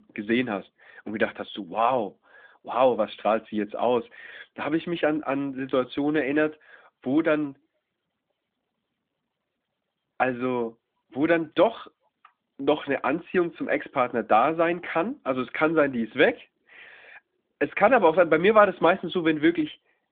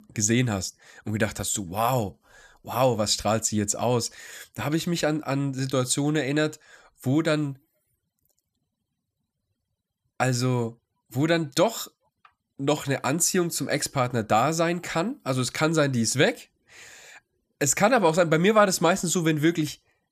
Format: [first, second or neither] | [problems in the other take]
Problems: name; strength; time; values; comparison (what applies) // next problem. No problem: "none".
second | phone-call audio